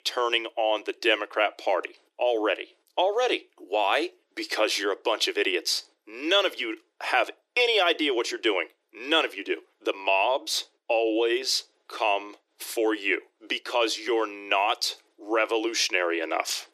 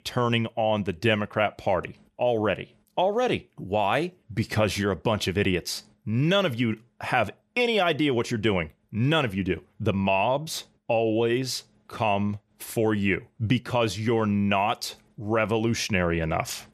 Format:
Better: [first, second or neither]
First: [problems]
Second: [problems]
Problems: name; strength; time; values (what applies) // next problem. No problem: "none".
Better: second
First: thin; very; fading below 300 Hz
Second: none